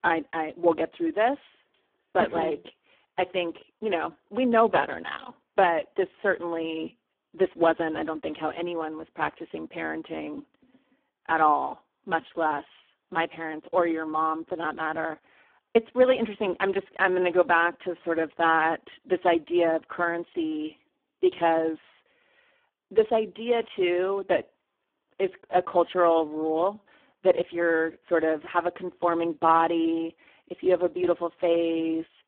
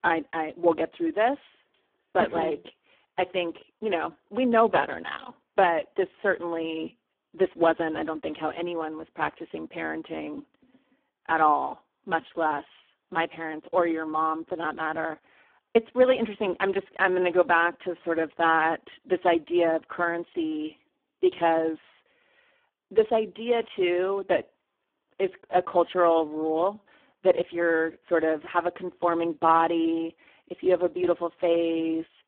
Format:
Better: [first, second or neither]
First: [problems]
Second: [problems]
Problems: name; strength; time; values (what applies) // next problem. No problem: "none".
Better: neither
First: phone-call audio; poor line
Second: phone-call audio; poor line